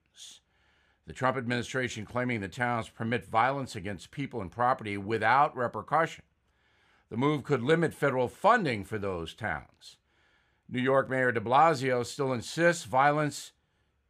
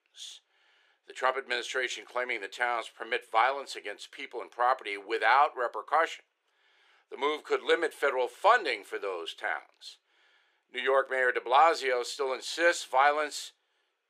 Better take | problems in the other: first | thin; very; fading below 350 Hz

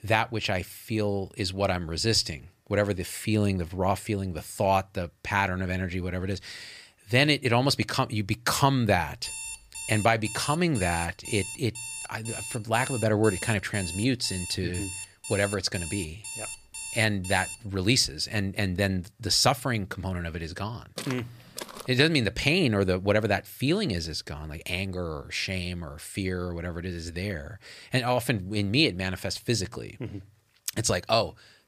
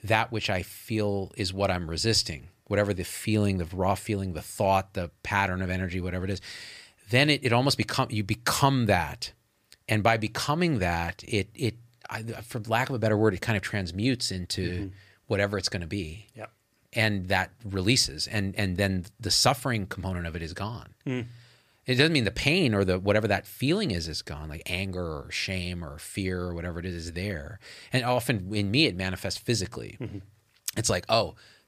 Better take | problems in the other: second | alarm; noticeable; from 9 to 18 s; peak 8 dB below the speech // footsteps; faint; at 21 s; peak 10 dB below the speech

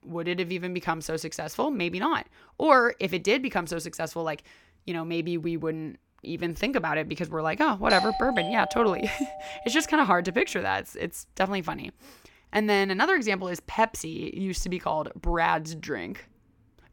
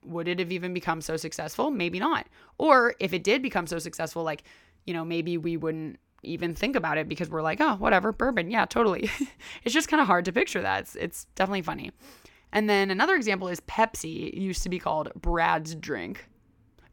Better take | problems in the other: second | doorbell; noticeable; from 8 to 10 s; peak 1 dB below the speech

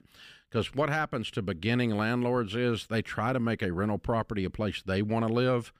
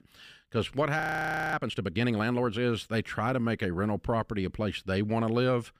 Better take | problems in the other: first | audio freezing; at 1 s for 0.5 s

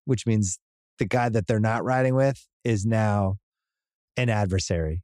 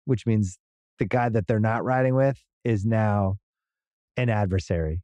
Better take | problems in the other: first | muffled; slightly; fading above 3.5 kHz

